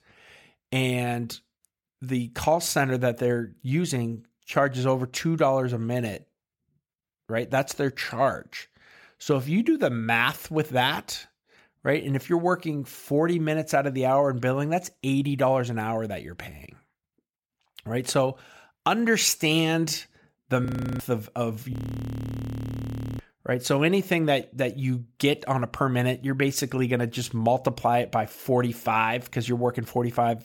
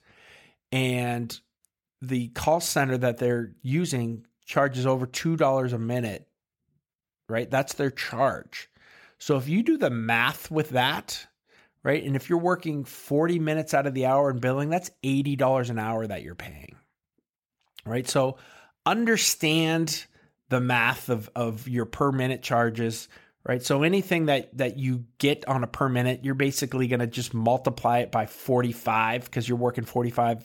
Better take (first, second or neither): second